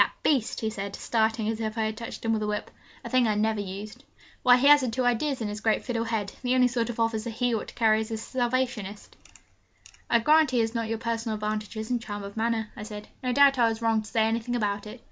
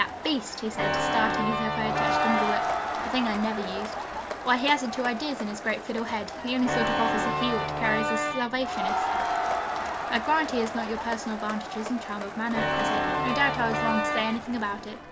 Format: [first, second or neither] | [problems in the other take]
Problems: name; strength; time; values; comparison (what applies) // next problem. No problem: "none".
first | background sound (Organ + Crowd); 1 dB above the speech